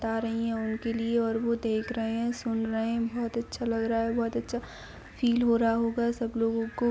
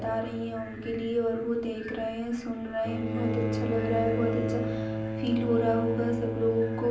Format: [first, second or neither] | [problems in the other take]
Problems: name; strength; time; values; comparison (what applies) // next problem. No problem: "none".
first | background sound (Bowed string instrument); 4 dB below the speech // room echo; dies away in 0.6 s